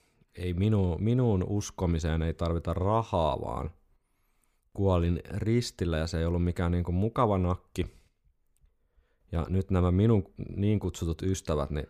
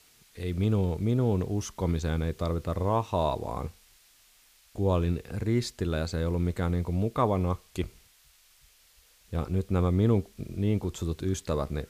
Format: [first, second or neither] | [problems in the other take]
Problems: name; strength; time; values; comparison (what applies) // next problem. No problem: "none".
first | hiss; faint; throughout; 30 dB below the speech